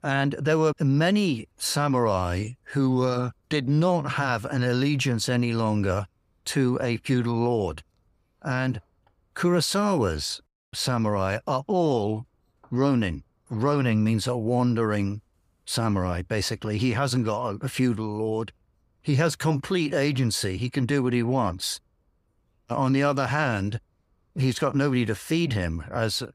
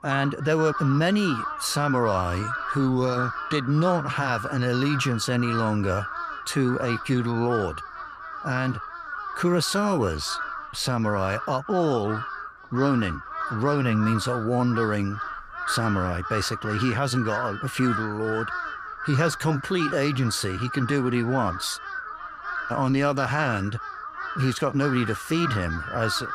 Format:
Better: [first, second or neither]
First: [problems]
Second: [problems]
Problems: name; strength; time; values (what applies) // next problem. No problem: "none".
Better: first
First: none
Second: animal sounds; loud; throughout; 7 dB below the speech